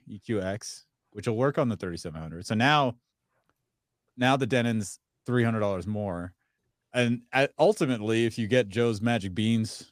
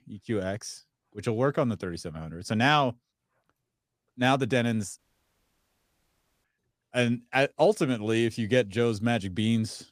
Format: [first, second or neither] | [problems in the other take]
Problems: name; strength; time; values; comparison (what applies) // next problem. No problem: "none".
first | audio cutting out; at 5 s for 1.5 s